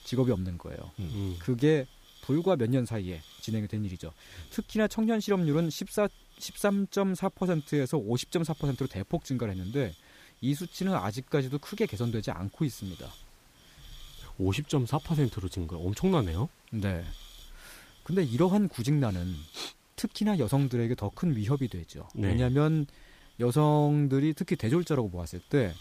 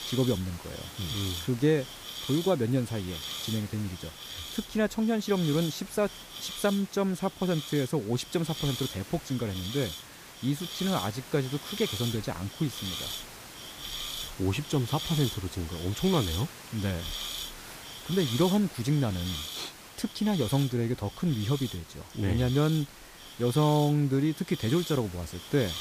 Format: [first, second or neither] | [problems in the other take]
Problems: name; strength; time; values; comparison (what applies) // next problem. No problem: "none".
first | hiss; loud; throughout; 9 dB below the speech; faint in the first